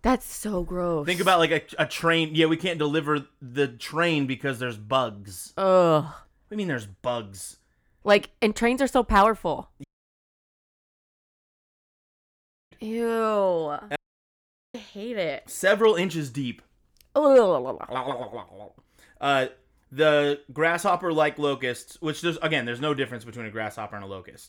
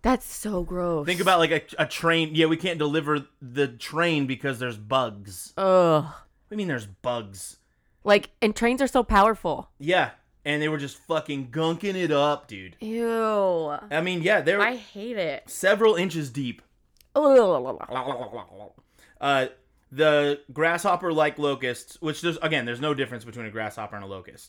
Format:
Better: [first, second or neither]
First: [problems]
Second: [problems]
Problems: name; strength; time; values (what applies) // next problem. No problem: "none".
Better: second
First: audio cutting out; at 10 s for 3 s and at 14 s for 1 s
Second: none